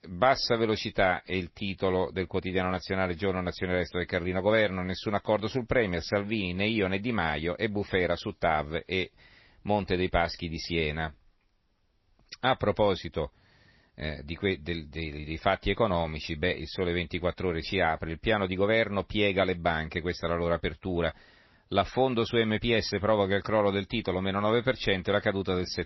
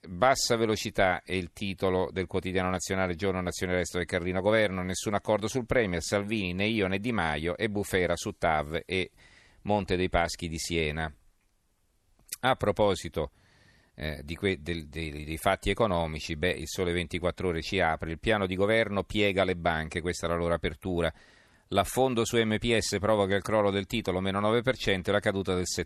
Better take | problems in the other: second | garbled, watery; slightly; nothing above 5.5 kHz

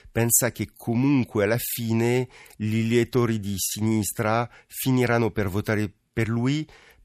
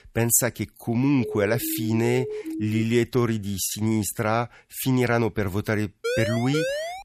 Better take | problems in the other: first | siren; noticeable; from 1 to 3 s and at 6 s; peak 3 dB below the speech

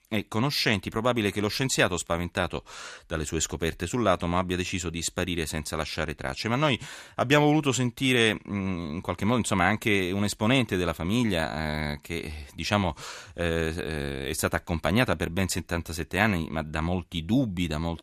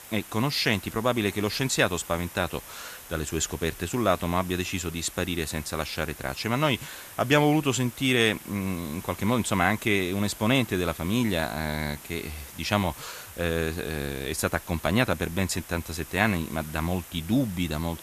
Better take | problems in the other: first | hiss; noticeable; throughout; 15 dB below the speech

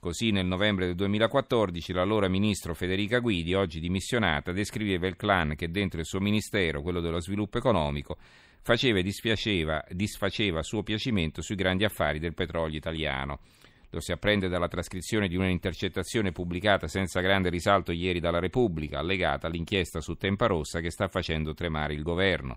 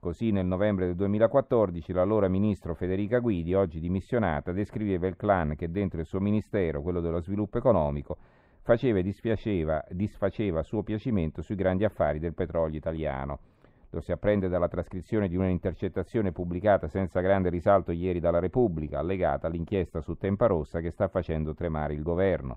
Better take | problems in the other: first | muffled; very; fading above 2 kHz

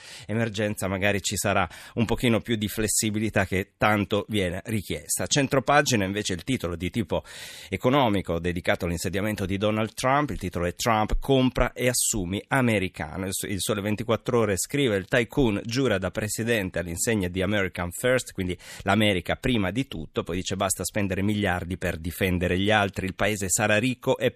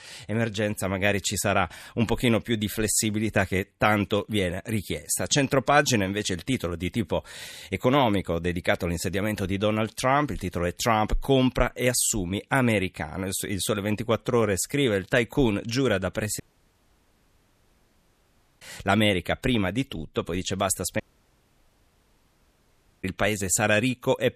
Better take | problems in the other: first | audio cutting out; at 16 s for 2 s and at 21 s for 2 s

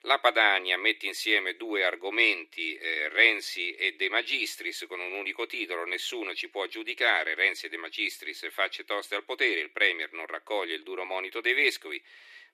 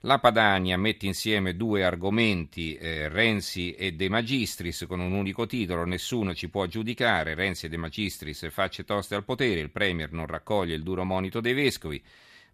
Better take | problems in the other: second | thin; very; fading below 300 Hz

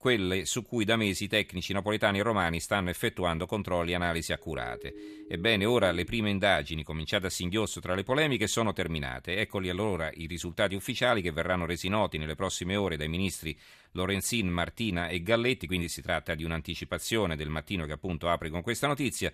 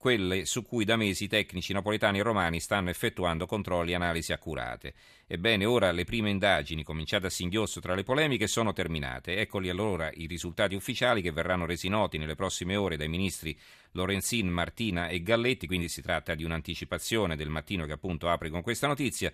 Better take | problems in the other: second | siren; faint; from 4.5 to 6 s; peak 15 dB below the speech

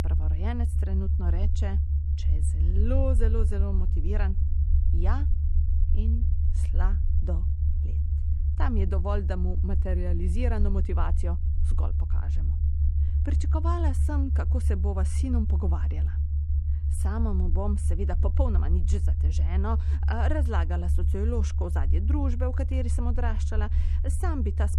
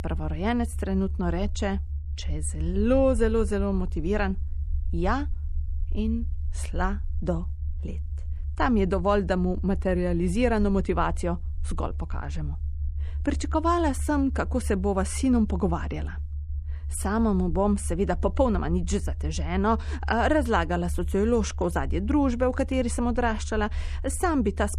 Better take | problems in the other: second | low rumble; loud; throughout; 7 dB below the speech; faint in the second

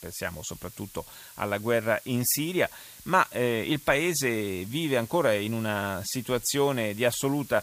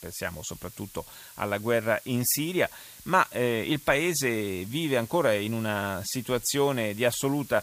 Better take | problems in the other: neither | hiss; noticeable; throughout; 20 dB below the speech; the same in both

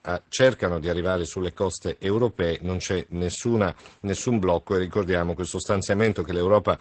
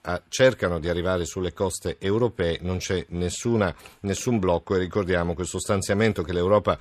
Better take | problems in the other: second | garbled, watery; badly; nothing above 8 kHz

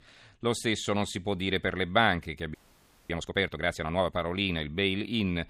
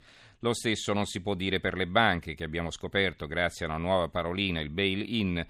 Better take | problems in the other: second | audio freezing; at 2.5 s for 0.5 s

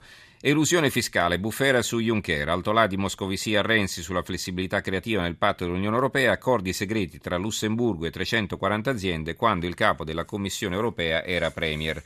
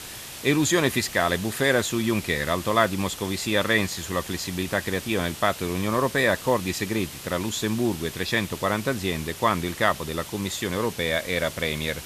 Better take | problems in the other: first | hiss; noticeable; throughout; 10 dB below the speech

